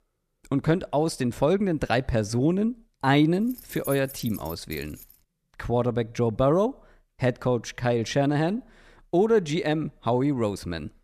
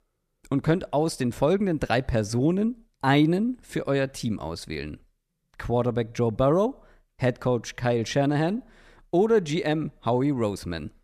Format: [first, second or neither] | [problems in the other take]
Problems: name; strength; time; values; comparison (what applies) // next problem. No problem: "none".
second | jangling keys; faint; from 3.5 to 5 s; peak 10 dB below the speech